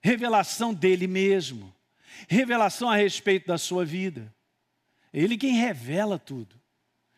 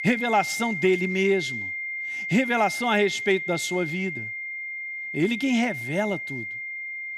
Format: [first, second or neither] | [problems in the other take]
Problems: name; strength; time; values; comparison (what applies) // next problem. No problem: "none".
first | high-pitched whine; loud; throughout; 2 kHz, 5 dB below the speech